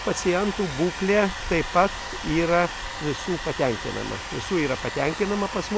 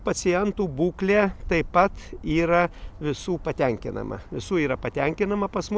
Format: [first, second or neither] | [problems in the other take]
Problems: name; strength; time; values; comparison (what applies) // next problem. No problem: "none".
second | background sound (Domestic sounds, home sounds); 9 dB below the speech